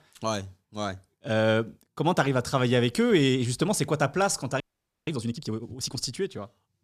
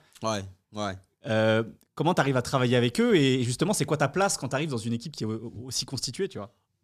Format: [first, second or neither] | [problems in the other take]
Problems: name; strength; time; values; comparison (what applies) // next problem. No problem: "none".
second | audio freezing; at 4.5 s